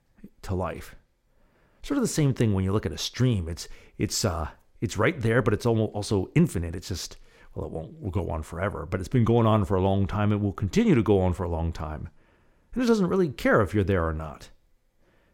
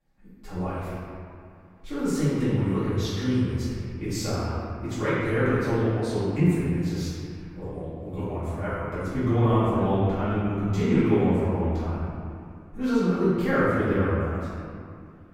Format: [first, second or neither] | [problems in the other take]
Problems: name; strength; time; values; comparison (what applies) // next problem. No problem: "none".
first | room echo; strong; dies away in 2.3 s // off-mic speech; far